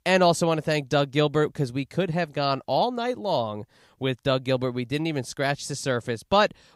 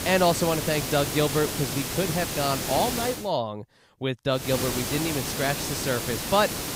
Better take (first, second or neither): first